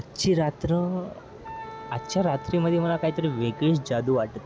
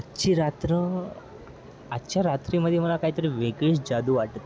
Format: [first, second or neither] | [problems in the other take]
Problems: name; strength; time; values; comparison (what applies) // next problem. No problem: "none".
second | background sound (Wind instrument, woodwind instrument); 16 dB below the speech